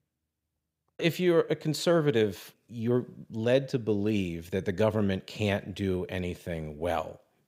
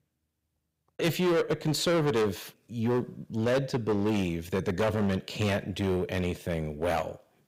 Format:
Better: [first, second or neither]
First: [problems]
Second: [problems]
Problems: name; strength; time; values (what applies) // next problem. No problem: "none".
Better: first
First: none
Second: distortion; heavy; 12% of the sound clipped